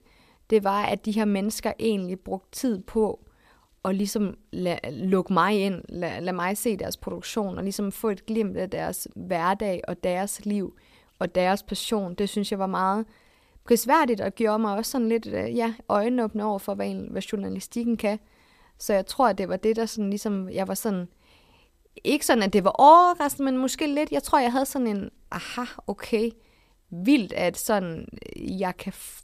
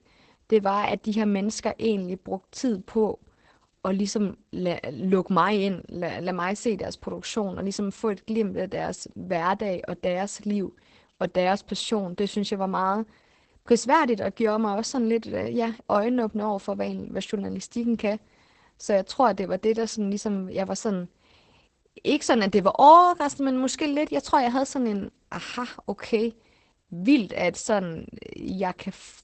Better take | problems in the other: first | garbled, watery; badly; nothing above 8 kHz

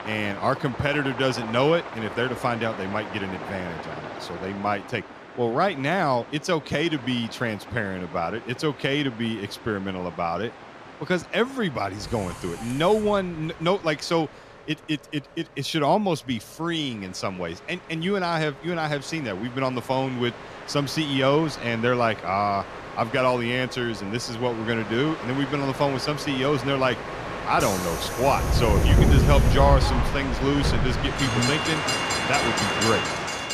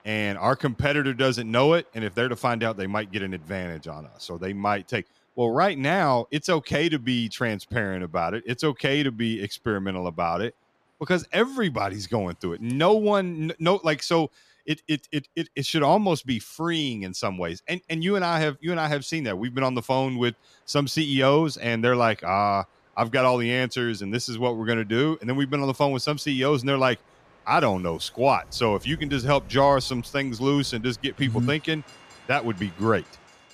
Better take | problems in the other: second | train or aircraft noise; loud; throughout; 2 dB below the speech; faint in the second

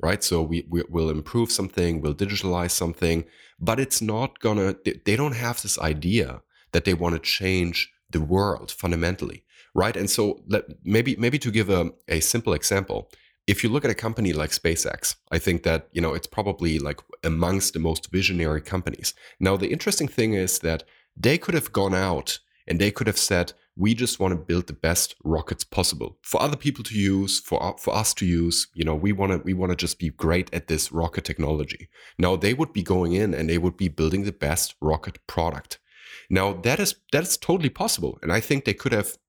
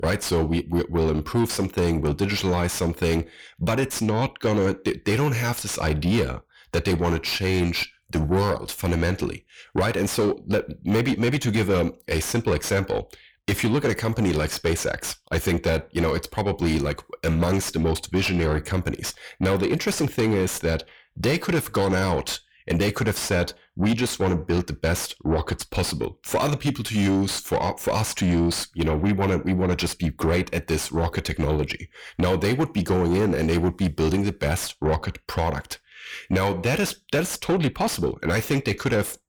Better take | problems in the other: first | distortion; heavy; 7 dB below the speech

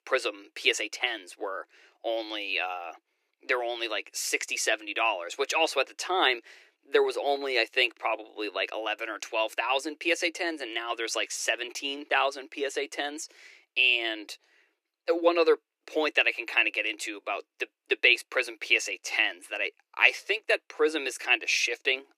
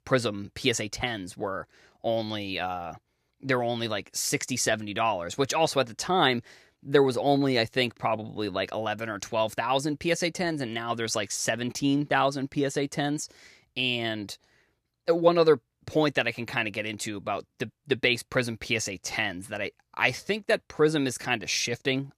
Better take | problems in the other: second | thin; very; fading below 300 Hz

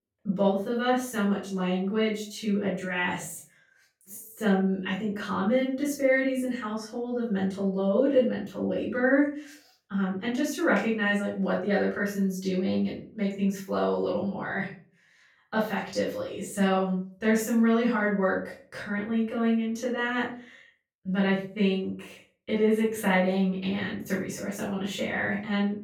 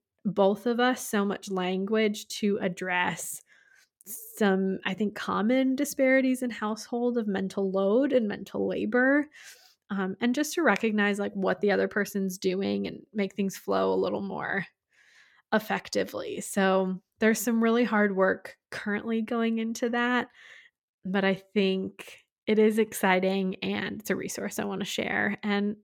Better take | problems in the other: second | off-mic speech; far // room echo; noticeable; dies away in 0.3 s

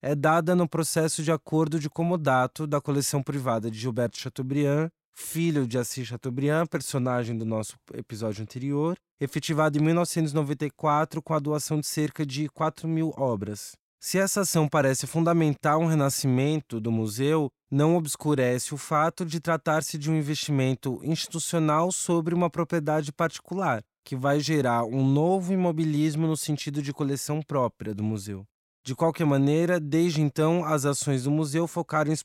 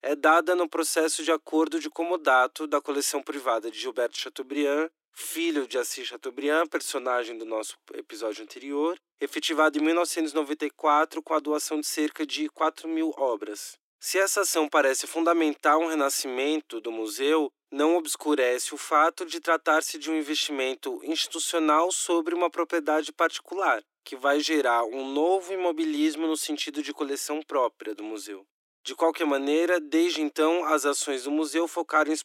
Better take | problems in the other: first | thin; somewhat; fading below 300 Hz

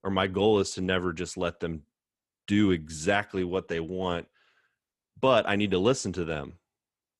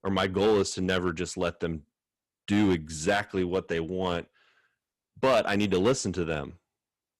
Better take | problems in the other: first | distortion; slight; 3% of the sound clipped

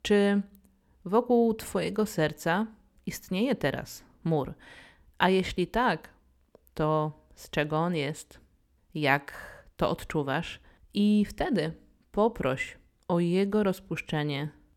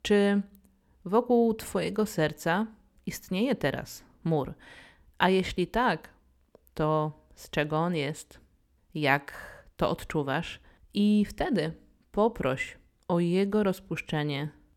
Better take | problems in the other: neither | none

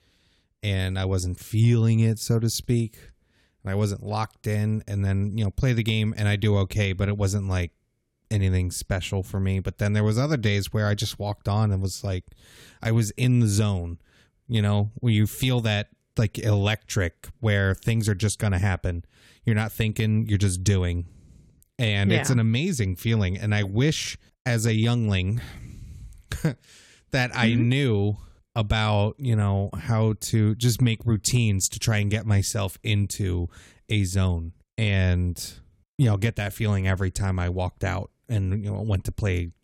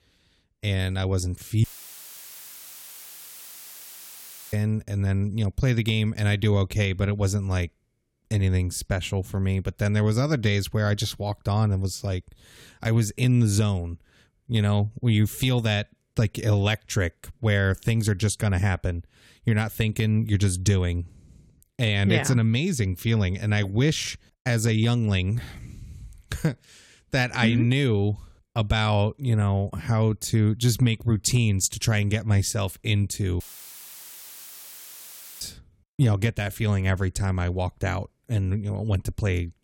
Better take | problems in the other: first | audio cutting out; filled with static; at 1.5 s for 3 s and at 33 s for 2 s

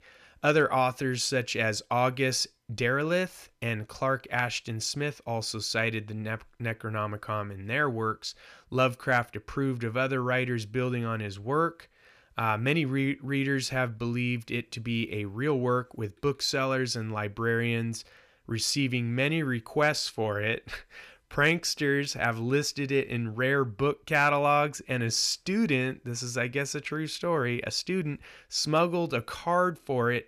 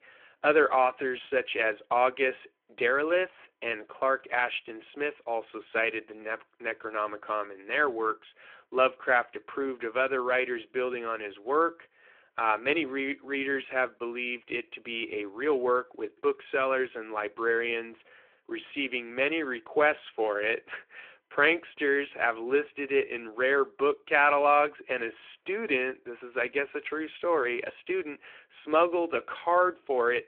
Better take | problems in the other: first | phone-call audio

